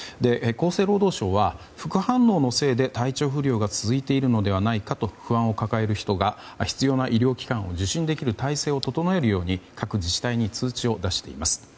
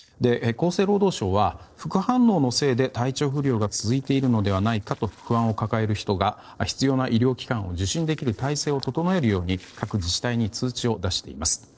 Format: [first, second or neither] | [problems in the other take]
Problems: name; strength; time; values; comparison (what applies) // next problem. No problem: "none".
first | noise reduction (neural separator model SepFormer DNS4)